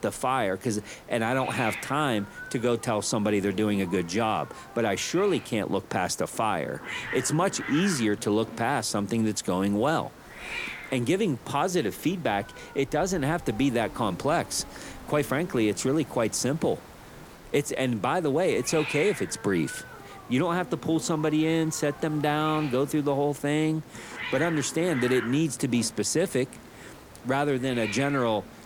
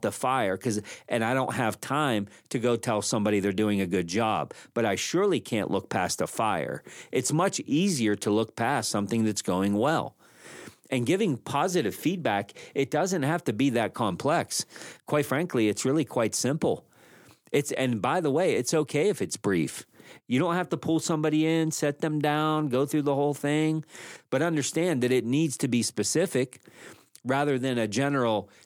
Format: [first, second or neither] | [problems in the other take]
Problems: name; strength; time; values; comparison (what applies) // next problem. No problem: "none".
second | hiss; noticeable; throughout; 15 dB below the speech